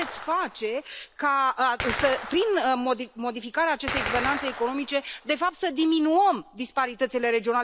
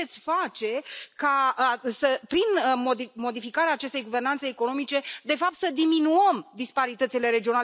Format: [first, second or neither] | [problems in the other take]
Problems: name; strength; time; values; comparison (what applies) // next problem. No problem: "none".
second | background sound (Gunshot, gunfire); 11 dB below the speech